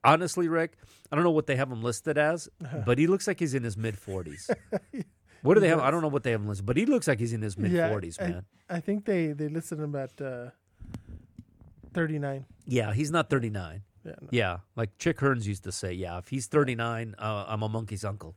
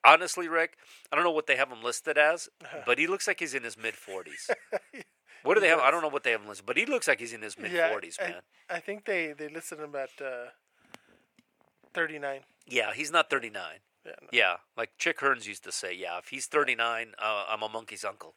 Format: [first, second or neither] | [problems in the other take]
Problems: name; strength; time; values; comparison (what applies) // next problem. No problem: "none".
first | thin; very; fading below 650 Hz